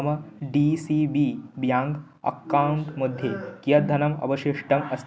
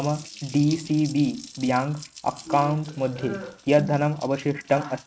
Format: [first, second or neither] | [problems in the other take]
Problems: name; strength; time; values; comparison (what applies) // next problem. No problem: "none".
first | noise reduction (neural mask model RNNoise)